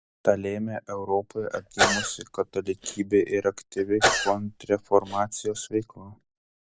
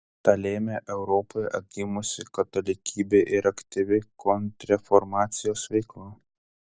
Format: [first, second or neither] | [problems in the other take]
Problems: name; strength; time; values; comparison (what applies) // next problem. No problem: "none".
second | background sound (Sneeze / Cough); 1 dB below the speech